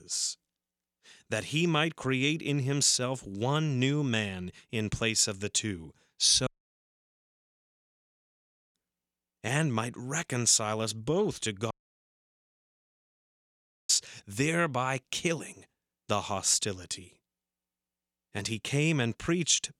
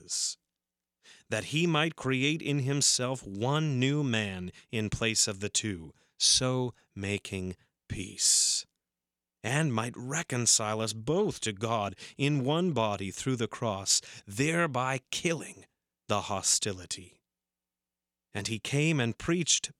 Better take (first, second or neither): second